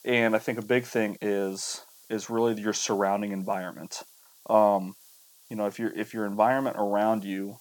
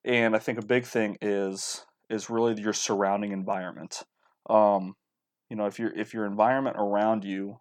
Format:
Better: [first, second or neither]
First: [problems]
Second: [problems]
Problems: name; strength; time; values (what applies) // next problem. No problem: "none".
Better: second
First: hiss; faint; throughout; 25 dB below the speech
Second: none